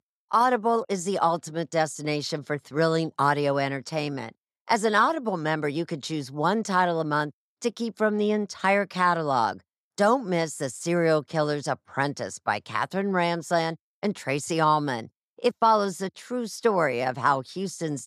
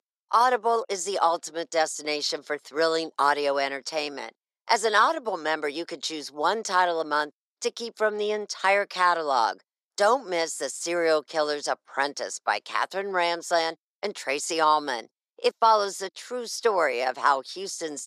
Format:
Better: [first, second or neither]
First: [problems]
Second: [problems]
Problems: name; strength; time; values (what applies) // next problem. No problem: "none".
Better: first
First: none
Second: thin; somewhat; fading below 400 Hz